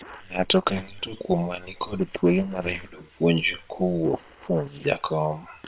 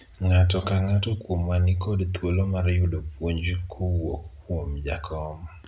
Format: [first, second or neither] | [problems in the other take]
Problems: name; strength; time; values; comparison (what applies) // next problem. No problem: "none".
second | noise reduction (neural separator model SepFormer WHAM!)